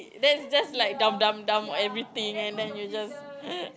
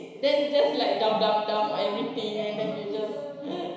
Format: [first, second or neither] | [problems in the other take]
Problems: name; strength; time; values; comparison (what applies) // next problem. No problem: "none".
first | room echo; dies away in 1 s